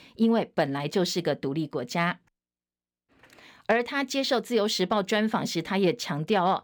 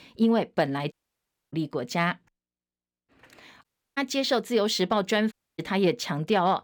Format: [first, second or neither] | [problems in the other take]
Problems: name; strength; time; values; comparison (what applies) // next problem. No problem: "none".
first | audio cutting out; at 1 s for 0.5 s, at 3.5 s and at 5.5 s